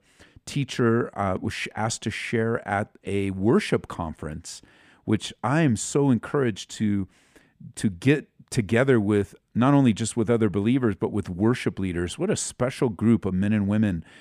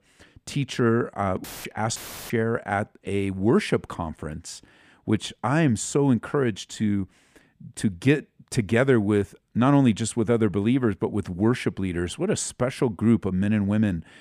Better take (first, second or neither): first